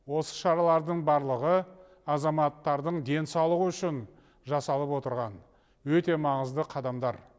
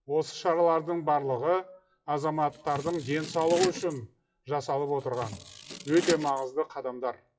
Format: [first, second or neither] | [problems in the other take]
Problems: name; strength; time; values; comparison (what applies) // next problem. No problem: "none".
first | noise reduction (classical method WPE with log-MMSE)